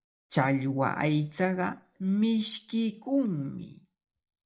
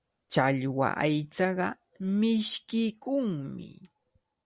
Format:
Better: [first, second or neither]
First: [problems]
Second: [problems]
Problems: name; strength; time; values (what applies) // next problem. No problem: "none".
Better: second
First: noise reduction (neural mask model DeepFilterNet 3)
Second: none